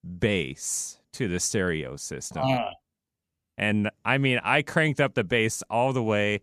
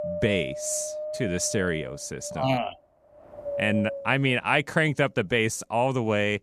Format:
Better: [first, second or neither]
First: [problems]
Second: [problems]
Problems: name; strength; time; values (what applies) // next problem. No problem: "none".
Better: first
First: none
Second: wind noise on the microphone; heavy; 8 dB below the speech